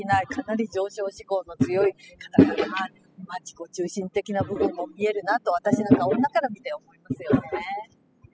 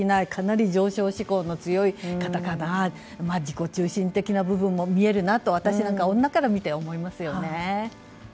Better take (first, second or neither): second